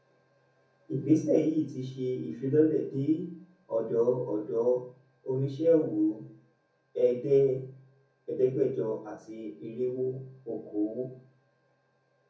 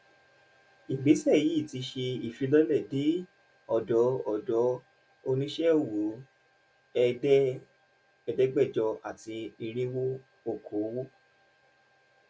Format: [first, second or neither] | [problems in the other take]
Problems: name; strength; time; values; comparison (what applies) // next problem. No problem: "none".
second | room echo; dies away in 0.6 s